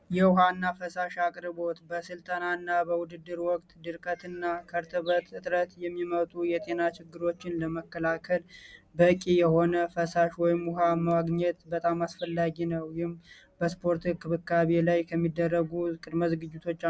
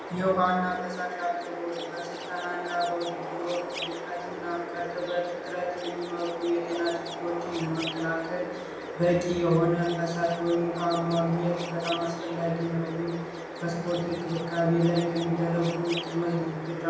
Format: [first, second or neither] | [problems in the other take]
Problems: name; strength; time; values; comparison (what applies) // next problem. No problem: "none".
first | background sound (Chirp, tweet); 8 dB below the speech // room echo; dies away in 0.9 s